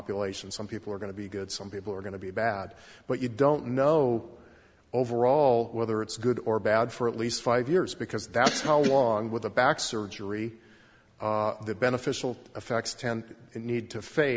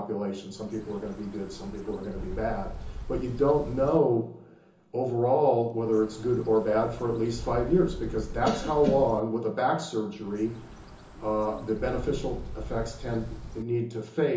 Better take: first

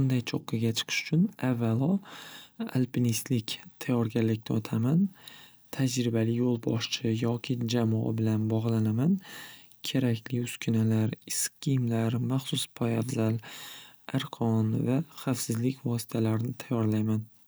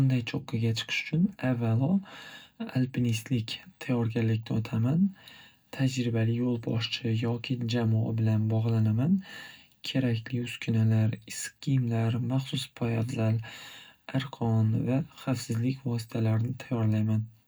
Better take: first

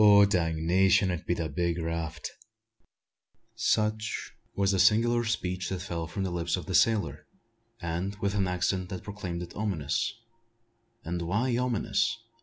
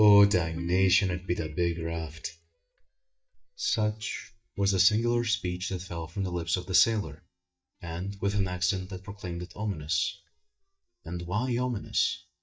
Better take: first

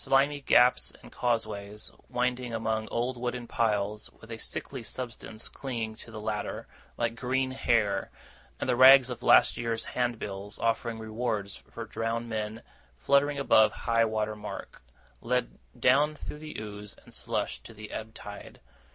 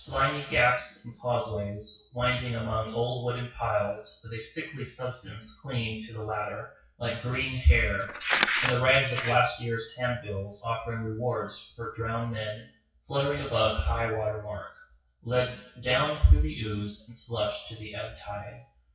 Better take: first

